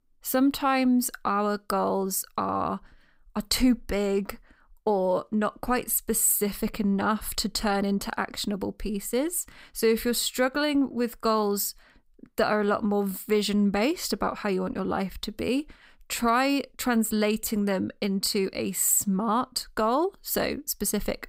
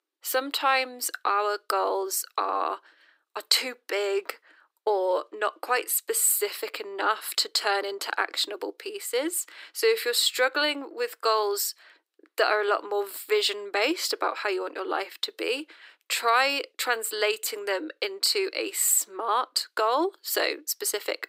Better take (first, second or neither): first